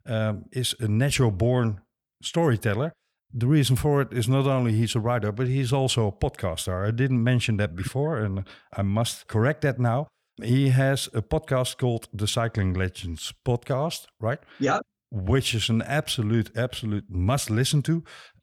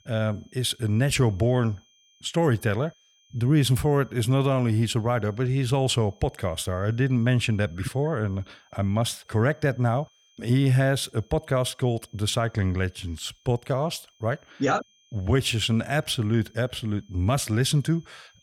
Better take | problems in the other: first | high-pitched whine; faint; throughout; 3 kHz, 35 dB below the speech

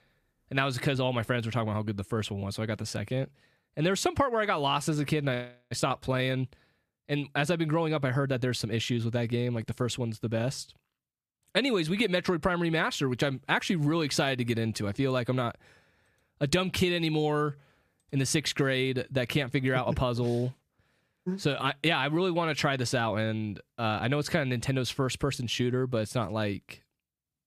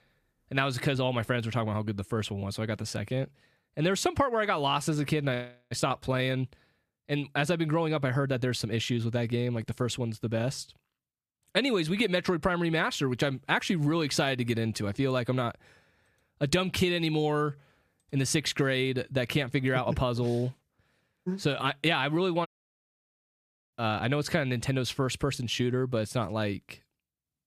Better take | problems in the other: first | audio cutting out; at 22 s for 1.5 s

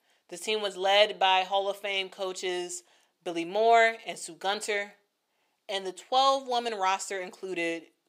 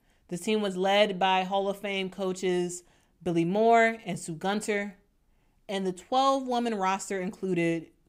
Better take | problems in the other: second | thin; very; fading below 550 Hz

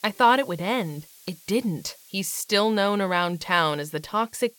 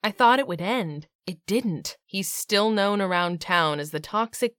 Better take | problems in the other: second | hiss; faint; throughout; 25 dB below the speech

